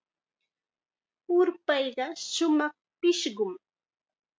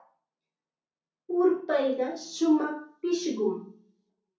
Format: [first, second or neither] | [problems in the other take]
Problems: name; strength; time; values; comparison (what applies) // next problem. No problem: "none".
first | room echo; dies away in 0.6 s